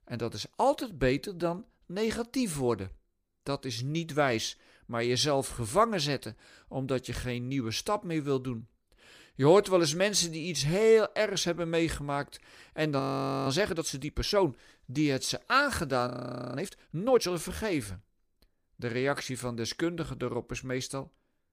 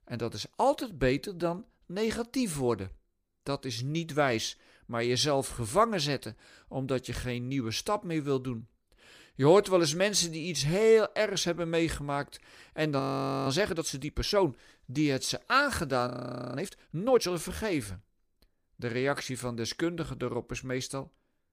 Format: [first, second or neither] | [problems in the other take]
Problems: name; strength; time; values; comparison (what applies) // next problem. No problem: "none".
neither | audio freezing; at 13 s and at 16 s; the same in both